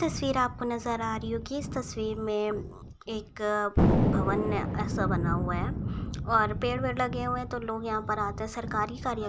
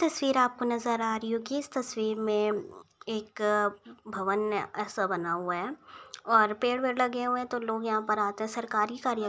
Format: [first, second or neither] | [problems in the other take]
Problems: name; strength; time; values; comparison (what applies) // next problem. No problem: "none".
second | background sound (Thunder); as loud as the speech